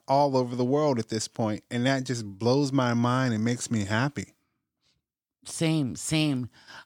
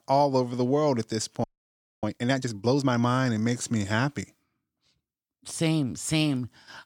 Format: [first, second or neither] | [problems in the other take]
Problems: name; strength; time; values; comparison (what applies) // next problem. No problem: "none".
first | audio freezing; at 1.5 s for 0.5 s